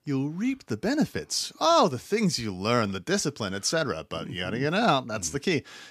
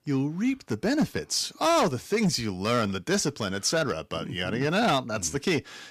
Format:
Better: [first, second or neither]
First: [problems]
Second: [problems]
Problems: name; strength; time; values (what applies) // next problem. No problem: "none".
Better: first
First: none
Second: distortion; slight; 6% of the sound clipped